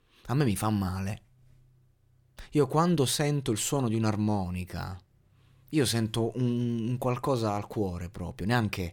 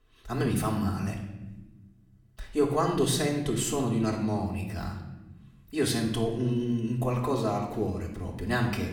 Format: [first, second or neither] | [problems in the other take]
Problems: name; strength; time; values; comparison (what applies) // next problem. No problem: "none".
first | room echo; slight; dies away in 0.9 s // off-mic speech; far